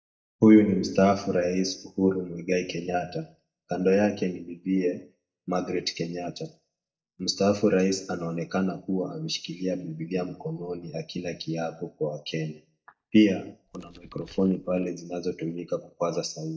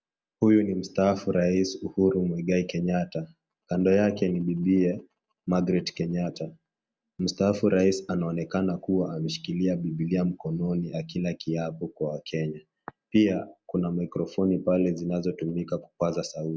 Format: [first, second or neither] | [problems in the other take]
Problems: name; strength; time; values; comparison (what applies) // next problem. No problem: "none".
second | noise reduction (neural mask model DeepFilterNet 3)